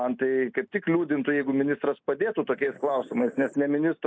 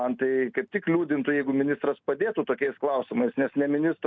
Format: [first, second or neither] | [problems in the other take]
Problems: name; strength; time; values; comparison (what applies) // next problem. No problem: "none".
second | noise reduction (neural mask model Resemble Enhance denoiser)